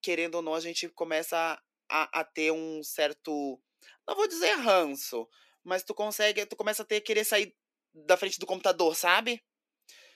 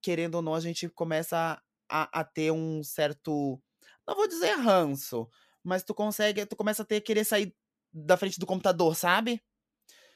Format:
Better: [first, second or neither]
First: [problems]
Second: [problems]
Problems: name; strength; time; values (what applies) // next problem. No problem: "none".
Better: second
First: thin; somewhat; fading below 300 Hz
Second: none